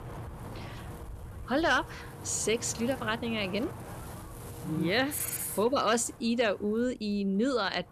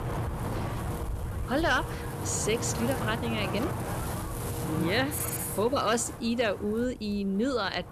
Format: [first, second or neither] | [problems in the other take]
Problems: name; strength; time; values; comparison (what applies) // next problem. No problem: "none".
first | wind noise on the microphone; heavy; 8 dB below the speech; occasional gusts in the first